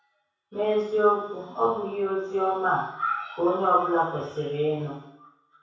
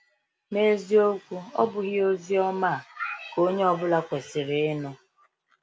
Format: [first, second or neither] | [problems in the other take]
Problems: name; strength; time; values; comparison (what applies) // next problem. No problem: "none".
second | room echo; dies away in 0.7 s